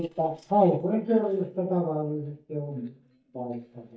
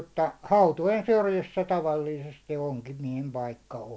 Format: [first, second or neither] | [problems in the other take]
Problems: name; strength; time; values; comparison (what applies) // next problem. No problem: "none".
second | noise reduction (neural mask model DeepFilterNet 3)